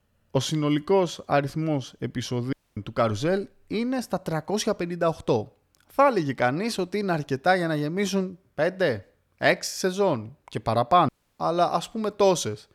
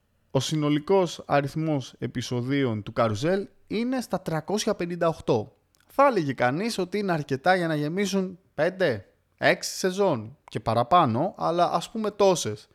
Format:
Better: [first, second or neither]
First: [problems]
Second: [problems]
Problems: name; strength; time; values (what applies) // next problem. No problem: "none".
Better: second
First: audio cutting out; at 2.5 s and at 11 s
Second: none